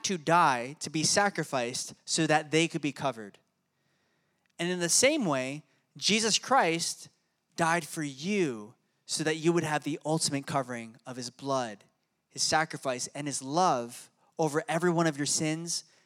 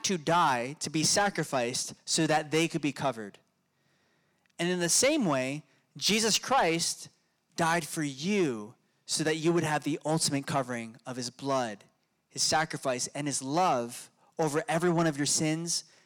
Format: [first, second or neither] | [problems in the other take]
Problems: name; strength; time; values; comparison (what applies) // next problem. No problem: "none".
first | distortion; slight; 10 dB below the speech